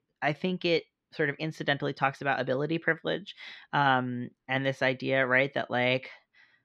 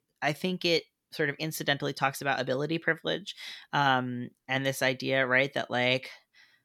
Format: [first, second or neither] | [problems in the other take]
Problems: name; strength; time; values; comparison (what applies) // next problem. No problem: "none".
second | muffled; slightly; fading above 3 kHz